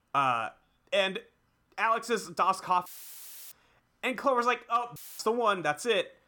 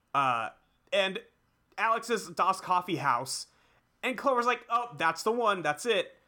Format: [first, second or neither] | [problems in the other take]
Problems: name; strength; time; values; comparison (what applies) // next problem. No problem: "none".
second | audio cutting out; filled with static; at 3 s for 0.5 s and at 5 s